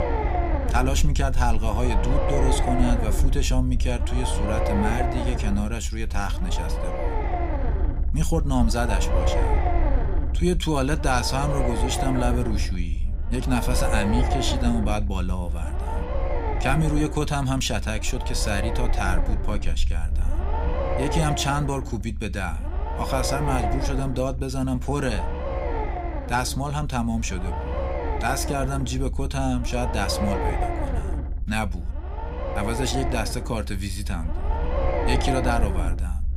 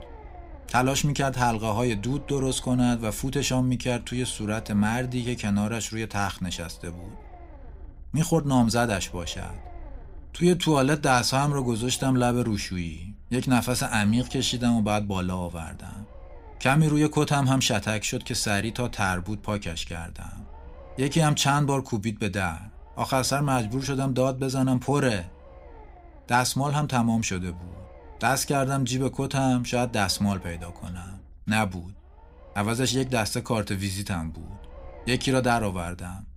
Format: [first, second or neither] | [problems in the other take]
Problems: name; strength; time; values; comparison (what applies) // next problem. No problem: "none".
second | low rumble; loud; throughout; 2 dB below the speech; faint in the second